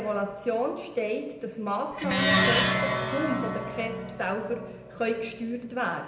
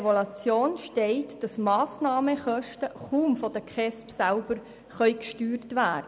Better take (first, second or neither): second